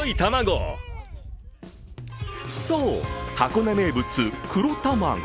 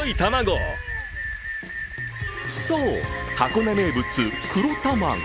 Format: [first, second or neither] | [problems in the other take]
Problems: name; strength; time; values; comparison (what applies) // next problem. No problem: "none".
first | background sound (Rain); 9 dB below the speech